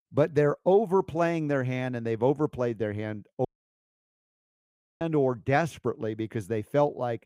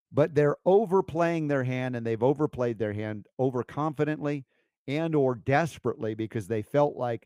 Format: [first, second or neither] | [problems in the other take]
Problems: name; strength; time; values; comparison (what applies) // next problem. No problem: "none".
second | audio cutting out; at 3.5 s for 1.5 s